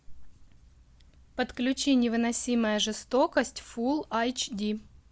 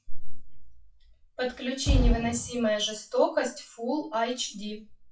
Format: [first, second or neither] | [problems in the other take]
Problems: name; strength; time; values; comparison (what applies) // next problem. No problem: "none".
first | noise reduction (classical method WPE with log-MMSE)